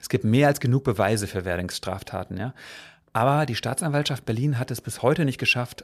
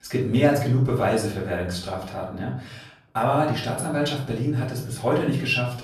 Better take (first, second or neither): first